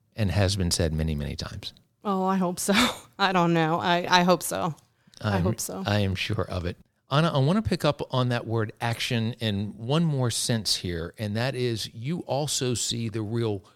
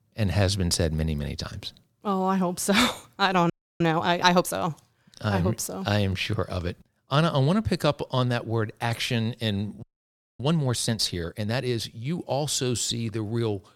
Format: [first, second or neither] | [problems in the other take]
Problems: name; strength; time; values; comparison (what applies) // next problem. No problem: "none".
first | audio freezing; at 3.5 s and at 10 s for 0.5 s